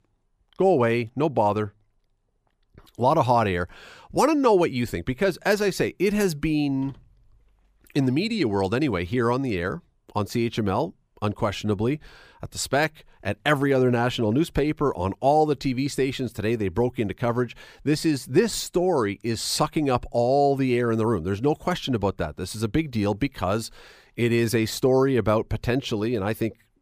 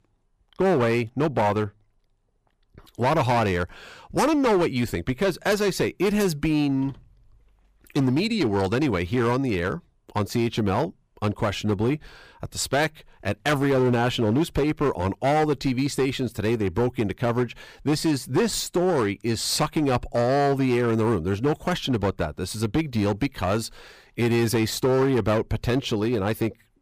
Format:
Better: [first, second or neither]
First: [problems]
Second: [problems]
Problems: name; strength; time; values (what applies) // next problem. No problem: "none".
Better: first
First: none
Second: distortion; slight; 10% of the sound clipped